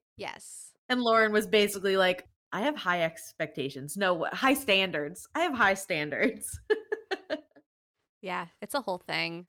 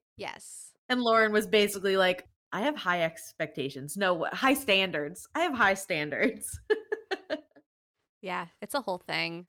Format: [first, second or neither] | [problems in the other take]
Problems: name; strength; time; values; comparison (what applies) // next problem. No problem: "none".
neither | none